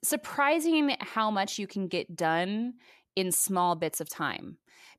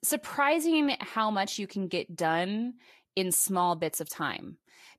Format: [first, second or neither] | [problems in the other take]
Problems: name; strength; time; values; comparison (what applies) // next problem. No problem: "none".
first | garbled, watery; slightly; nothing above 14 kHz